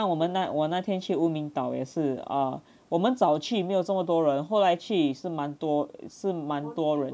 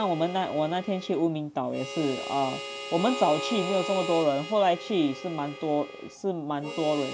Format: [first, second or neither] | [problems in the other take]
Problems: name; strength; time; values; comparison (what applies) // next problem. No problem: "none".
first | background sound (Harmonica); 10 dB below the speech